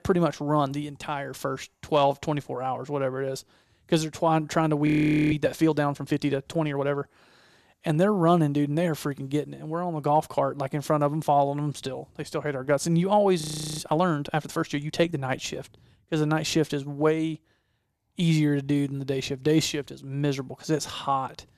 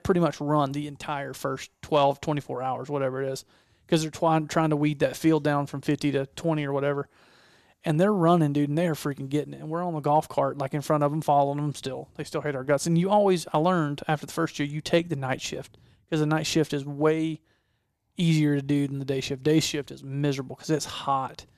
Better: second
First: audio freezing; at 5 s and at 13 s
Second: none

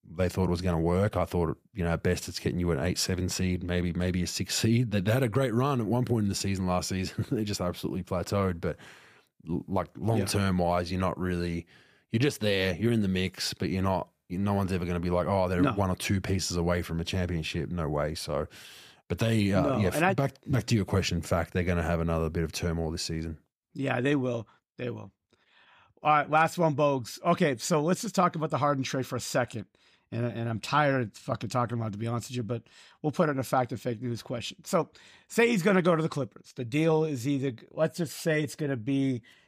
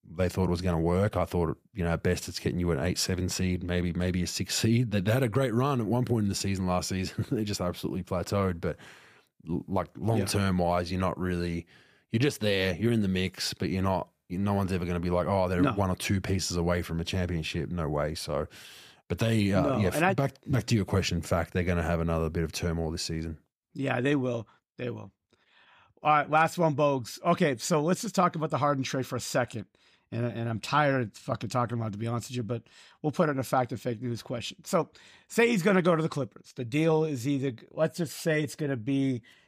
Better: neither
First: none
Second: none

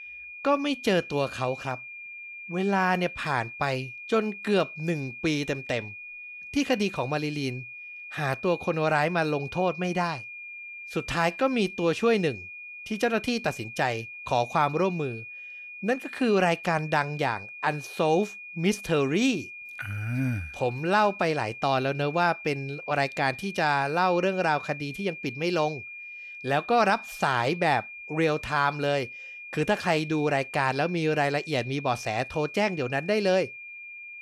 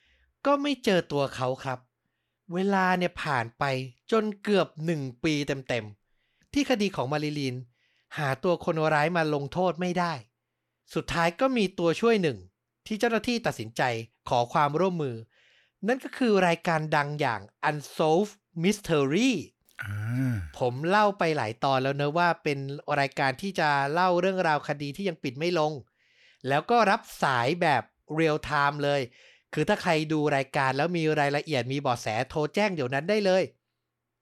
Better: second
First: high-pitched whine; noticeable; throughout; 2.5 kHz, 10 dB below the speech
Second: none

